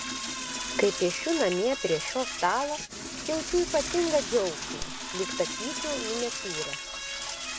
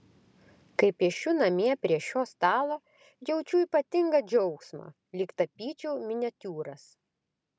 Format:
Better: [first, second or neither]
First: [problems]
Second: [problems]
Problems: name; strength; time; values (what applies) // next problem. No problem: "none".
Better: second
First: background sound (Toilet flush / Door); 5 dB below the speech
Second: none